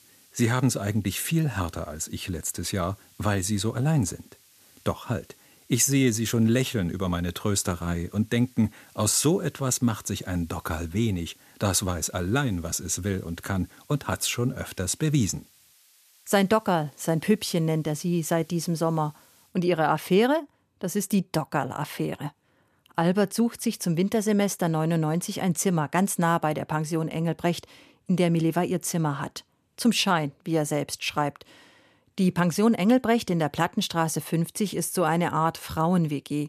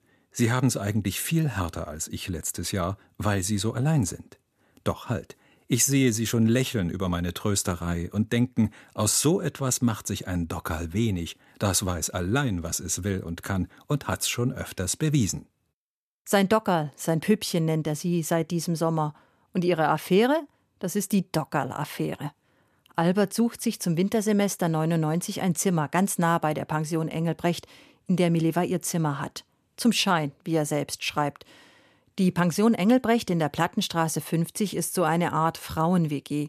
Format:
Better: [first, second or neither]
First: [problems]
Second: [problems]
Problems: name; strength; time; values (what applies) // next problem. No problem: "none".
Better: second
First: hiss; faint; until 20 s; 30 dB below the speech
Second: none